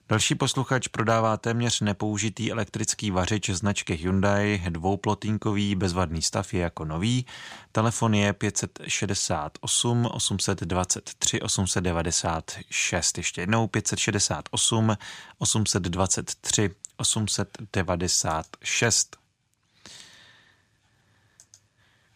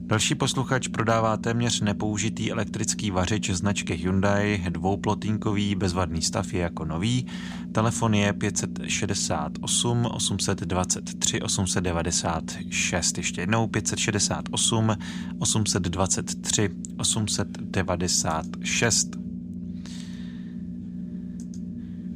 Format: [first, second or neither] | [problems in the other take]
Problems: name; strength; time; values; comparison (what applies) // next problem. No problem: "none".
first | low rumble; noticeable; throughout; 15 dB below the speech